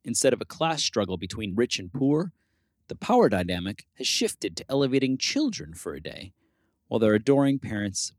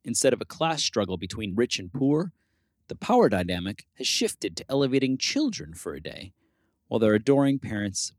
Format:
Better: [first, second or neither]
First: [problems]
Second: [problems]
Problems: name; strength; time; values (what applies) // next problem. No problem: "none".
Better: neither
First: none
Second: none